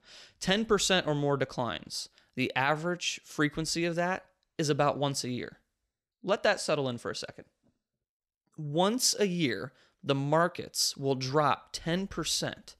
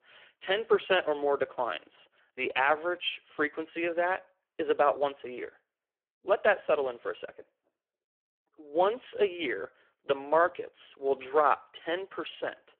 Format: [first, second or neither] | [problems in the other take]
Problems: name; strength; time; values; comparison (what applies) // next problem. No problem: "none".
first | phone-call audio; poor line; nothing above 3 kHz